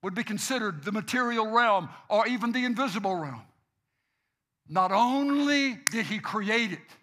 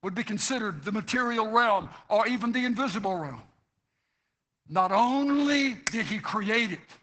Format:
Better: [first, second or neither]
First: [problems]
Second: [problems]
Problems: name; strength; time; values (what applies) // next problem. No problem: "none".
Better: first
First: none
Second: garbled, watery; badly; nothing above 8 kHz